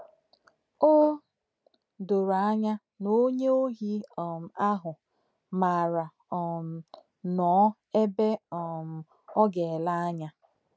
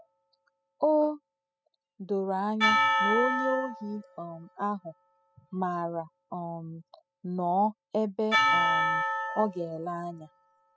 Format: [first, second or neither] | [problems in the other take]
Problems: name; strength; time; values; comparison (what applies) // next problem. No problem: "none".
first | noise reduction (classical method spectral subtraction)